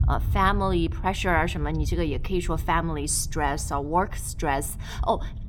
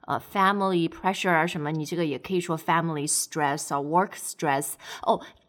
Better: second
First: low rumble; faint; throughout; 25 dB below the speech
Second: none

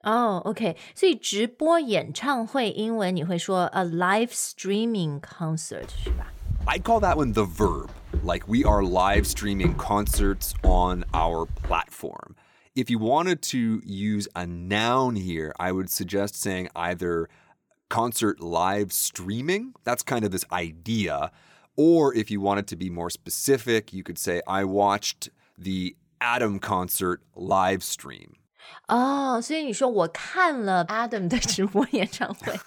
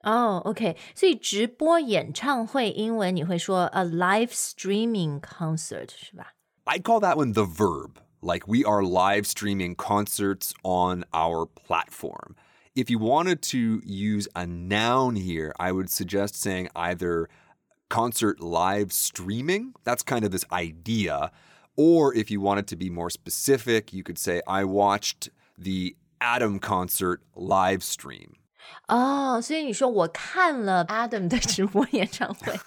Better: second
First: footsteps; noticeable; from 6 to 12 s; peak 1 dB below the speech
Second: none

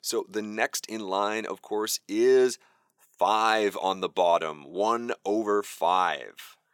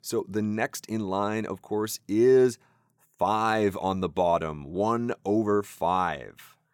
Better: second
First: thin; somewhat; fading below 350 Hz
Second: none

